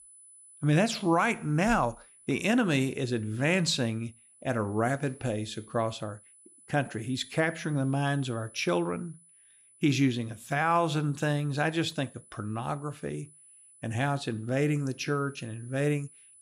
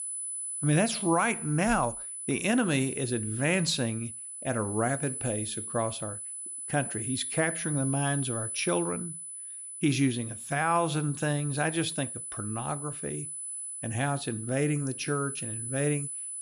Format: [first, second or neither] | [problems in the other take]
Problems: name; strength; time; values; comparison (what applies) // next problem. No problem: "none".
first | high-pitched whine; loud; throughout; 10 kHz, 5 dB below the speech; faint in the first